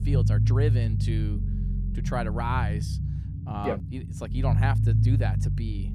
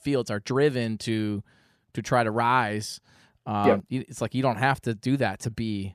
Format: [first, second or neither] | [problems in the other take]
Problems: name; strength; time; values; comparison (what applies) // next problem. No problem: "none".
second | low rumble; loud; throughout; 6 dB below the speech